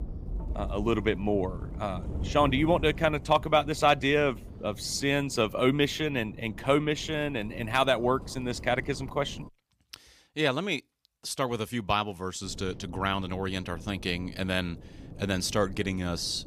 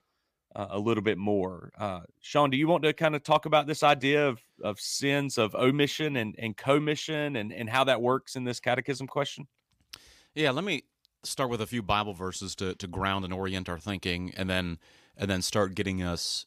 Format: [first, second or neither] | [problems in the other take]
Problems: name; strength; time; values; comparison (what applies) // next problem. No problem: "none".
second | wind noise on the microphone; occasional gusts; until 9.5 s and from 12 s on; 20 dB below the speech